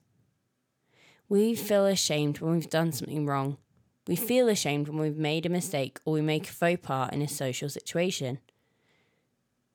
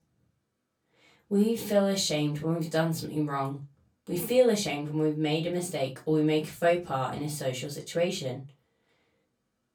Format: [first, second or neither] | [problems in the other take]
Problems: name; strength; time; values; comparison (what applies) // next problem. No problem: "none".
first | off-mic speech; far // room echo; very slight; dies away in 0.2 s